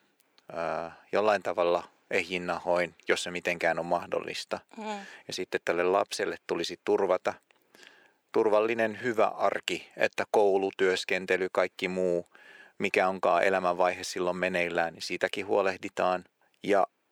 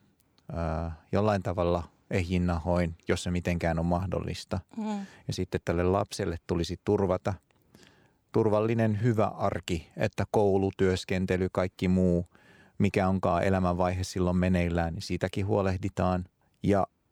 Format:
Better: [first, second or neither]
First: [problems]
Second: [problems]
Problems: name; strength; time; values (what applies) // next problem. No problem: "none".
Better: second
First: thin; very; fading below 450 Hz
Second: none